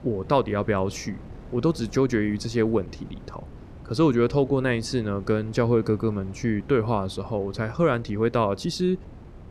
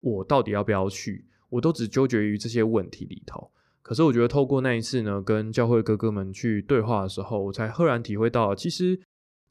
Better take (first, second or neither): second